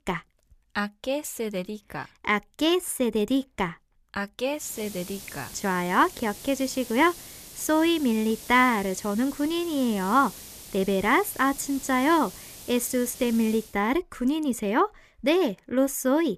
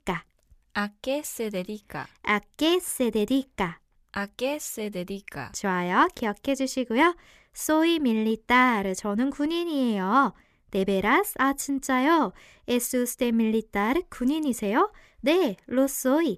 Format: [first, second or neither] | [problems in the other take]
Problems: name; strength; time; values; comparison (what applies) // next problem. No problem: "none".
second | hiss; noticeable; from 4.5 to 14 s; 15 dB below the speech